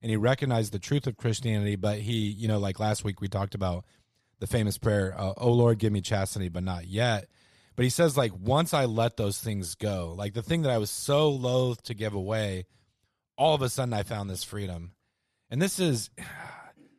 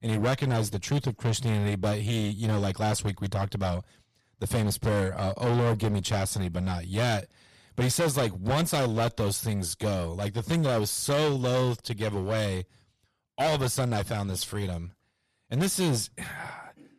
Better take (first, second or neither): first